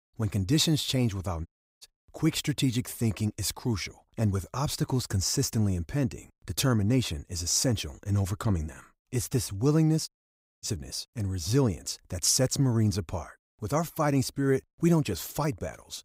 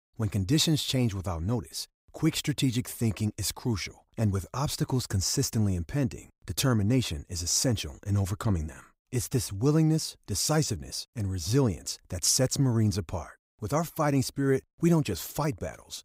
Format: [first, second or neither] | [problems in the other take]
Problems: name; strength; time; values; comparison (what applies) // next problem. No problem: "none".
second | audio cutting out; at 1.5 s and at 10 s for 0.5 s